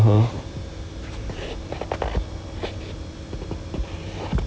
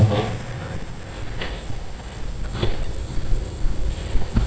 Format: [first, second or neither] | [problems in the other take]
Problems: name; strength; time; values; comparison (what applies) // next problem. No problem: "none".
first | noise reduction (neural mask model DeepFilterNet 3)